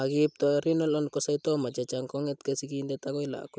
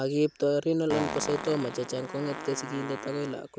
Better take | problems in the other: first | background sound (Fart); 9 dB below the speech

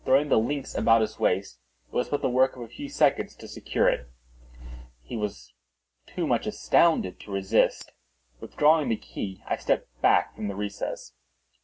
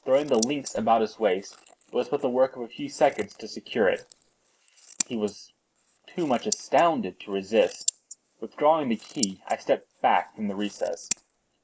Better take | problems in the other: first | noise reduction (neural mask model Resemble Enhance denoiser)

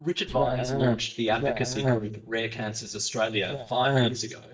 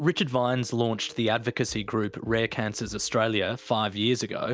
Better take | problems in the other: second | noise reduction (neural mask model DeepFilterNet 3)

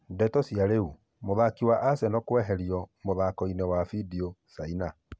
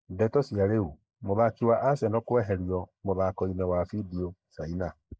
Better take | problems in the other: first | noise reduction (neural mask model Resemble Enhance denoiser)

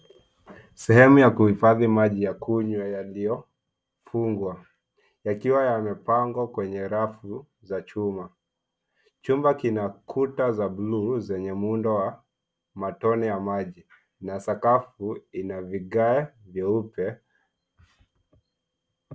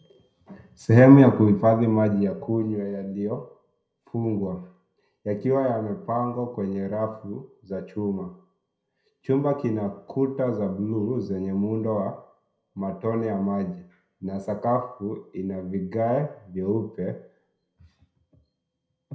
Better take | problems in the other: first | room echo; dies away in 0.4 s

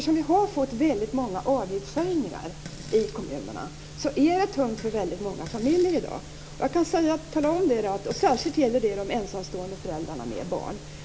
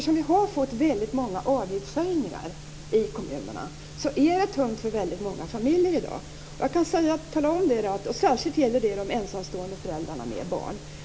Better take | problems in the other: second | background sound (Fart); 20 dB below the speech

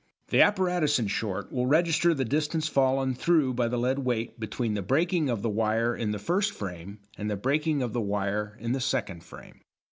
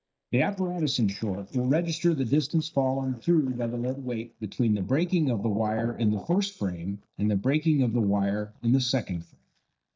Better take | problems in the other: first | noise reduction (neural mask model DeepFilterNet 3)

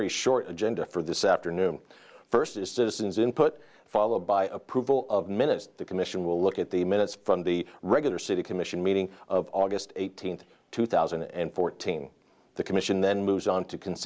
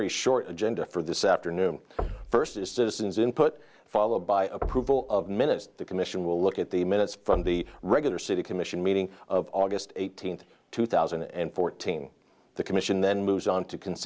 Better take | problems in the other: first | background sound (Knock); 13 dB below the speech

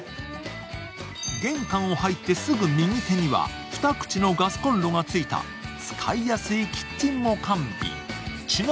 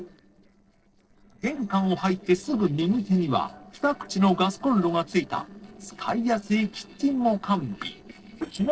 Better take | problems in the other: first | noise reduction (neural separator model SepFormer DNS4)

